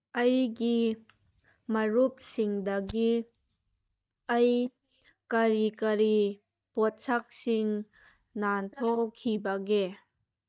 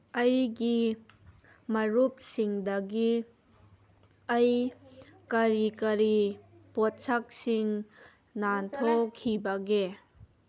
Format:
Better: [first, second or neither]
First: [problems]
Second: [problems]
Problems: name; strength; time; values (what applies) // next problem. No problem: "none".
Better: second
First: noise reduction (neural mask model DeepFilterNet 3)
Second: none